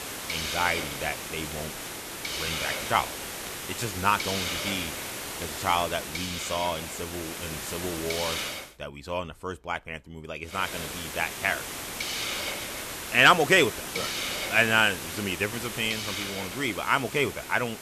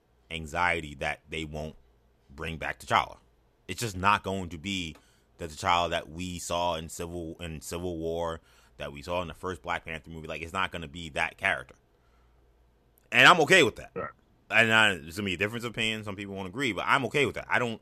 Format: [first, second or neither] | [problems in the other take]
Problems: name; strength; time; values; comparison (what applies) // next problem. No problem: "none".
second | hiss; loud; until 8.5 s and from 11 s on; 5 dB below the speech